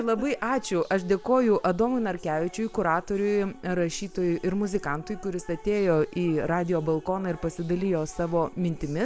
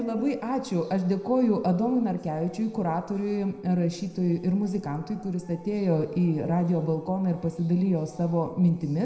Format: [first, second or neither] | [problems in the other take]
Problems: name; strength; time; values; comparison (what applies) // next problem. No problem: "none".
first | room echo; dies away in 0.7 s